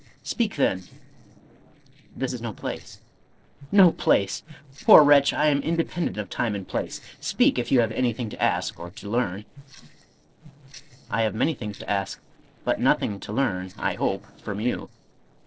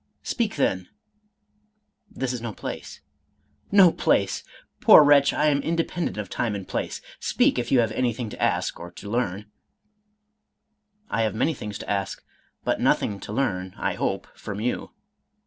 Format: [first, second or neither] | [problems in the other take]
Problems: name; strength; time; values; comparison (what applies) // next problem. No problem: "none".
second | noise reduction (neural separator model SepFormer DNS4)